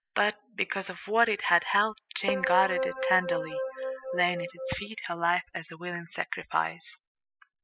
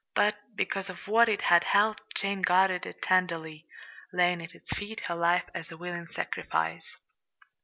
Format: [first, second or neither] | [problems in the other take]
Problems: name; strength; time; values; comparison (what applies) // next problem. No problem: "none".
second | noise reduction (classical method spectral subtraction)